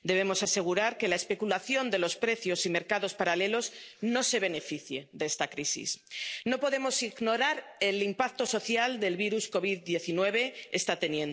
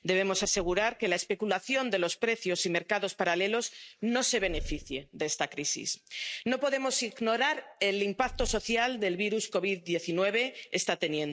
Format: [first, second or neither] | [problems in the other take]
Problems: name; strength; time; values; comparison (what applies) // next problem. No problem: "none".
first | noise reduction (neural mask model RNNoise)